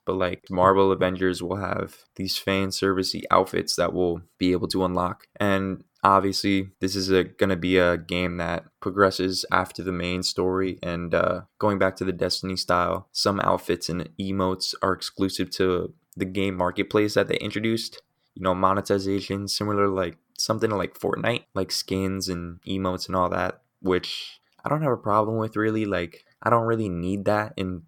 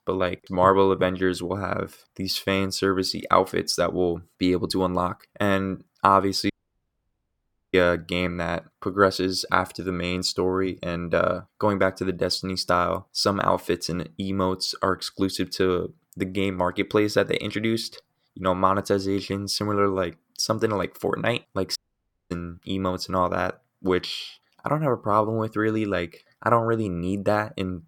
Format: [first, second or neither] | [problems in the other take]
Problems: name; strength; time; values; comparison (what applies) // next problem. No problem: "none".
first | audio cutting out; at 6.5 s for 1 s and at 22 s for 0.5 s